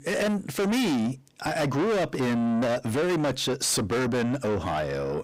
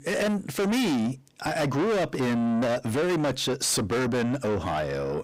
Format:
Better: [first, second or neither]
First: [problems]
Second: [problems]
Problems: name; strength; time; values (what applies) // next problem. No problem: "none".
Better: neither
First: distortion; heavy; 6 dB below the speech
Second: distortion; heavy; 6 dB below the speech